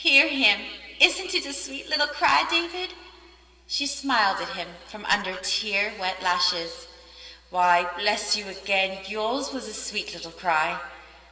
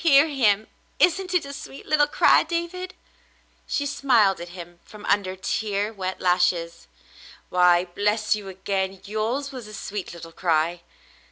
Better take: second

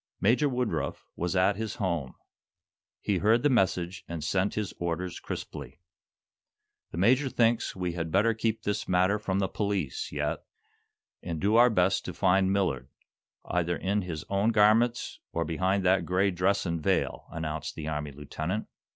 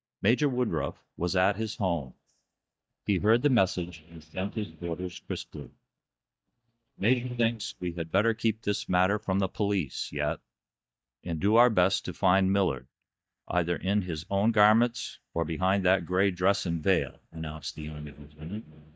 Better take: first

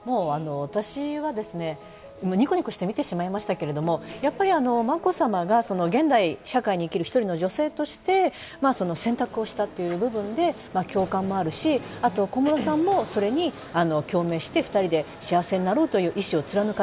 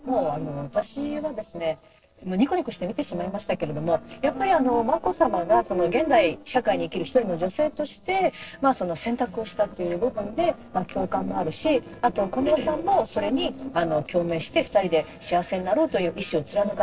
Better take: first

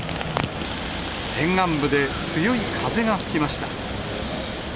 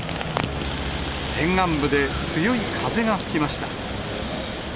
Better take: first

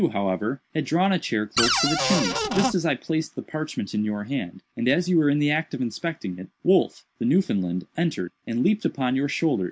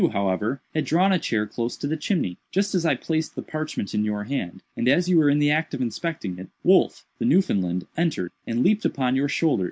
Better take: second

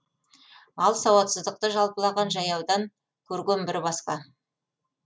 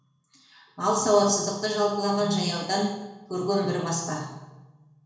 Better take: first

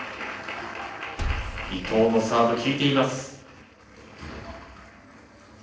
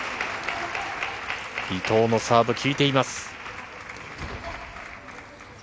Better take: second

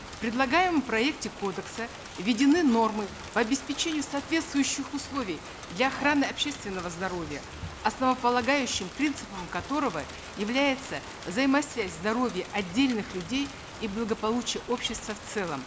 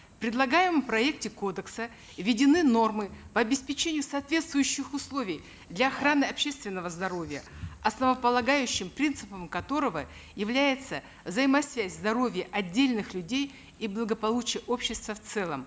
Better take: second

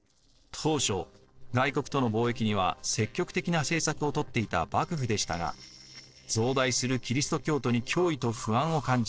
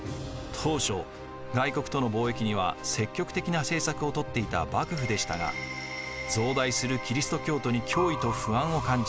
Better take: second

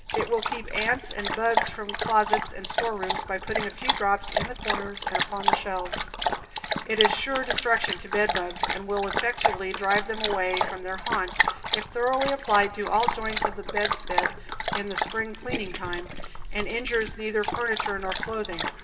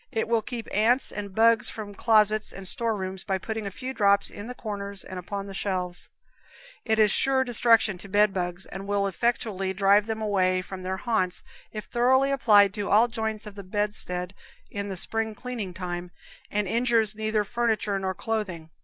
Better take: second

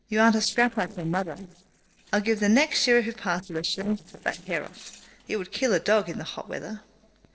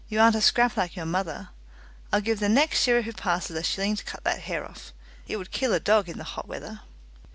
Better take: second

